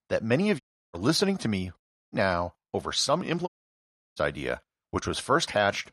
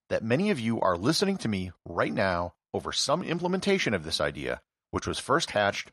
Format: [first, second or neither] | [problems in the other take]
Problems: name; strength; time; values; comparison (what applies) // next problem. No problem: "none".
second | audio cutting out; at 0.5 s, at 2 s and at 3.5 s for 0.5 s